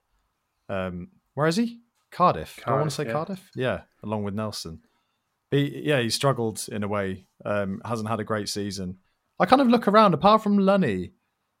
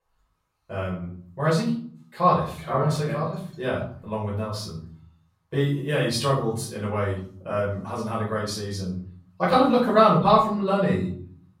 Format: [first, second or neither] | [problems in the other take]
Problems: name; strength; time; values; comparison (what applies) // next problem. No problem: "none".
first | off-mic speech; far // room echo; noticeable; dies away in 0.5 s